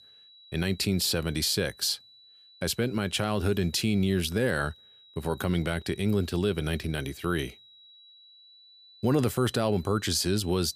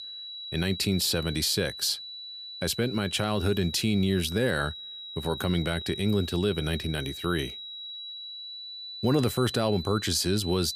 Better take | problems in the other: first | high-pitched whine; loud; throughout; 4 kHz, 10 dB below the speech; faint in the first

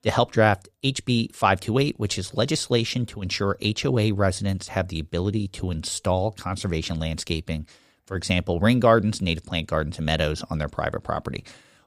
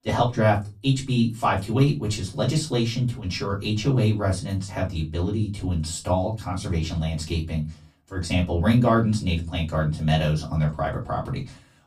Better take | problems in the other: first | off-mic speech; far // room echo; very slight; dies away in 0.3 s

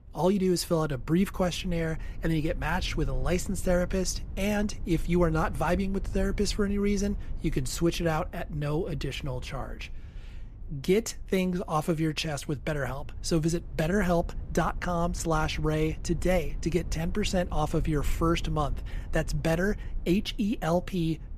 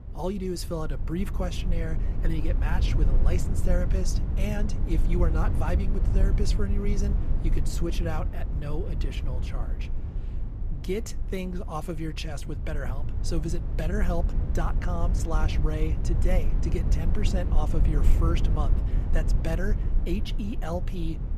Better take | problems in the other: first | low rumble; loud; throughout; 7 dB below the speech; faint in the first

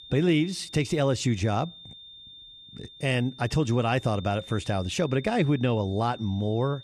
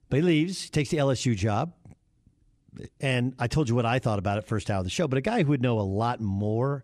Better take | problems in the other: second | high-pitched whine; noticeable; throughout; 3.5 kHz, 20 dB below the speech

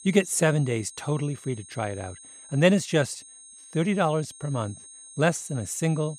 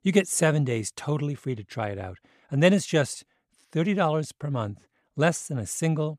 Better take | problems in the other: second | high-pitched whine; noticeable; throughout; 8.5 kHz, 20 dB below the speech

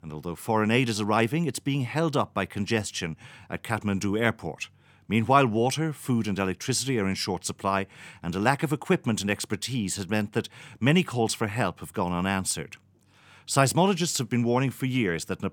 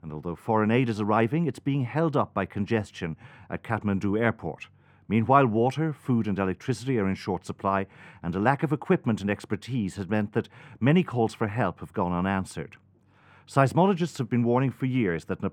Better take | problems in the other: first | muffled; very; fading above 3 kHz

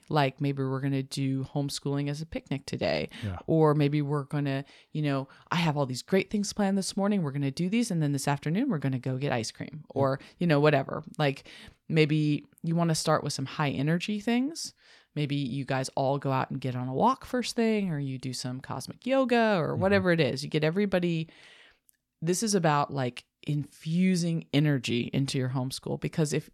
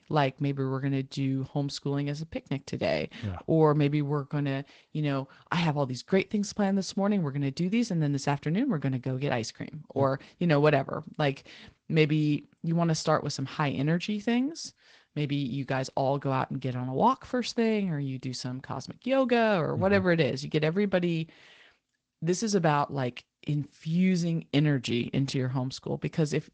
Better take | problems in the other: first | garbled, watery; slightly; nothing above 8 kHz

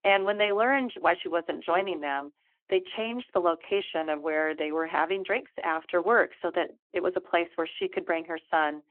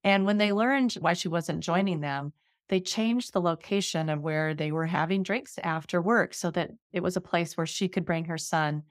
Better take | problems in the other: second | phone-call audio

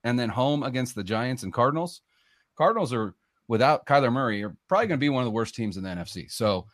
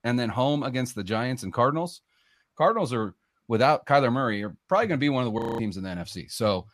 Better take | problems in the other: first | audio freezing; at 5.5 s

